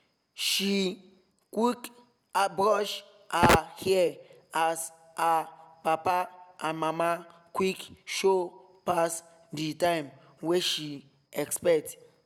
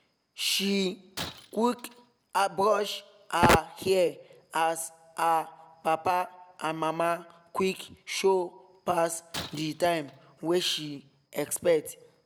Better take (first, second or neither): first